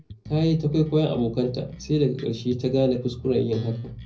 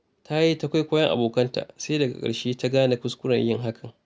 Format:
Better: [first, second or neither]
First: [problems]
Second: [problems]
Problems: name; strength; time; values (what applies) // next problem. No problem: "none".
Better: second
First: background sound (Bass guitar); 16 dB below the speech // room echo; dies away in 0.4 s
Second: none